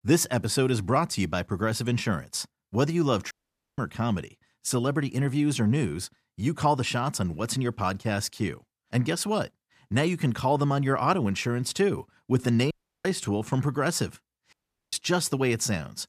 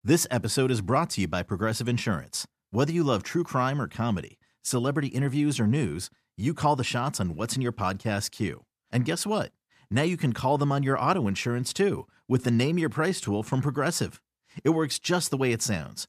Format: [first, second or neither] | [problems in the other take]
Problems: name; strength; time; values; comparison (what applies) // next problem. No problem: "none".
second | audio cutting out; at 3.5 s, at 13 s and at 15 s